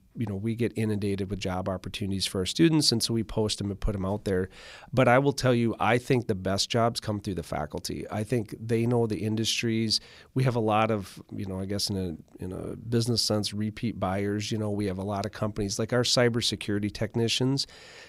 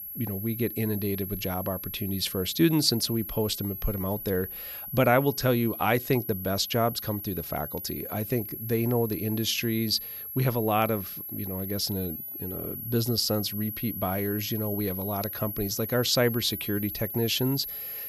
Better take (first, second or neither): first